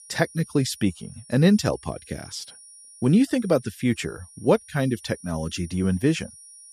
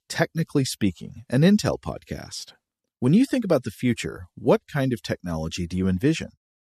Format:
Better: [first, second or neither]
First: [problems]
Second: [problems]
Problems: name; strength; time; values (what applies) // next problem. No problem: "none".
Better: second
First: high-pitched whine; faint; throughout; 9.5 kHz, 20 dB below the speech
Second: none